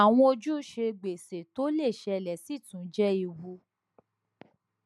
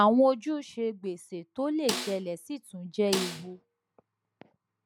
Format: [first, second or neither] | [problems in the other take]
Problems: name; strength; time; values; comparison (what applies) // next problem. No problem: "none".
first | background sound (Snare drum); 8 dB below the speech